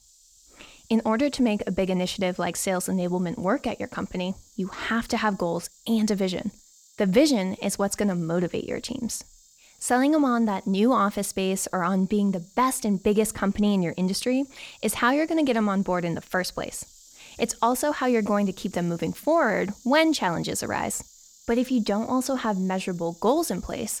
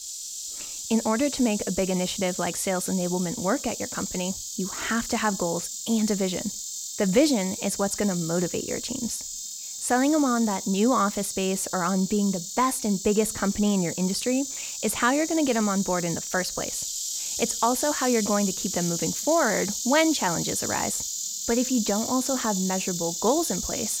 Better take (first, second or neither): first